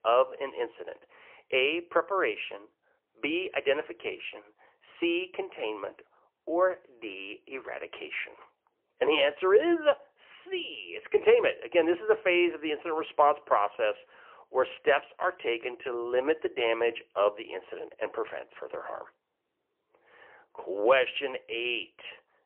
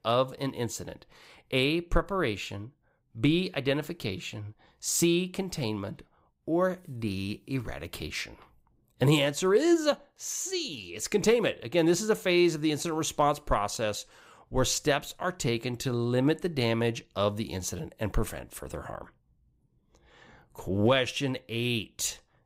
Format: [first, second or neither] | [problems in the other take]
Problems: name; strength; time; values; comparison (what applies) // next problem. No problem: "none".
second | phone-call audio; poor line; nothing above 3 kHz